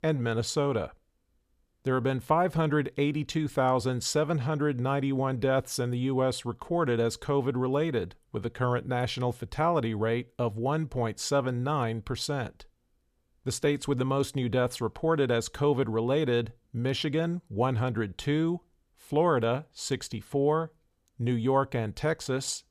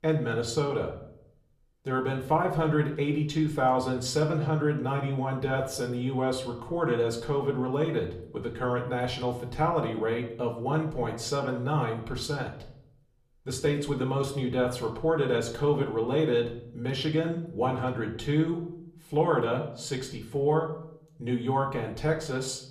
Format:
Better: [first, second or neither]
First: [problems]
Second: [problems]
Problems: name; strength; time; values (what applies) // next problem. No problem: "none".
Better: first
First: none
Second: room echo; slight; dies away in 0.5 s // off-mic speech; somewhat distant